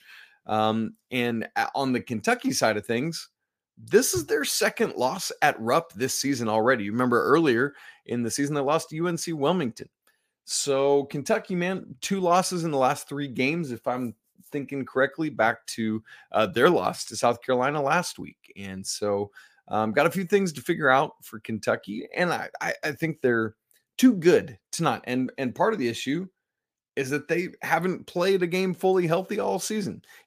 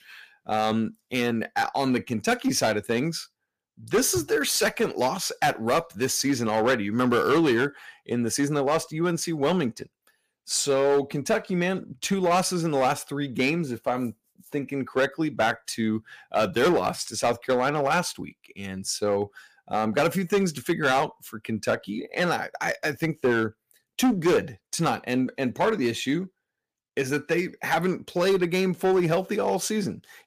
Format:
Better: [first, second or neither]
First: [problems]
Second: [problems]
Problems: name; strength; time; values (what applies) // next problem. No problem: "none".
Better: first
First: none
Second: distortion; slight; 5% of the sound clipped